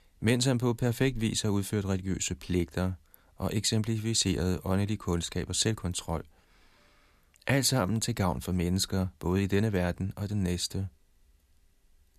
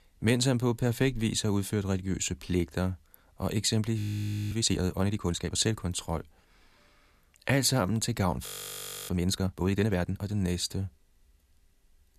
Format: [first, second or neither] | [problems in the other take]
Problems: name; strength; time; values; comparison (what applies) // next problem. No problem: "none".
first | audio freezing; at 4 s for 0.5 s and at 8.5 s for 0.5 s